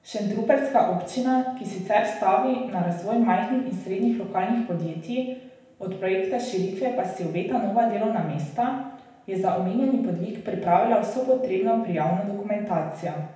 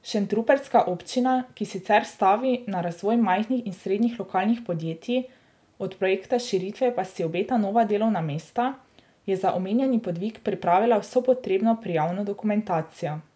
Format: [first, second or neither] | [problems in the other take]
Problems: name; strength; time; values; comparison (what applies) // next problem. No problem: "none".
second | room echo; dies away in 0.8 s